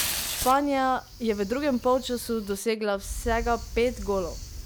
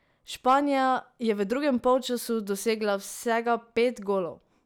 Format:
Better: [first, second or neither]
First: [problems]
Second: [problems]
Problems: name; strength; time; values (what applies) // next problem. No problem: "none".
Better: second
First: background sound (Fire); 9 dB below the speech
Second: none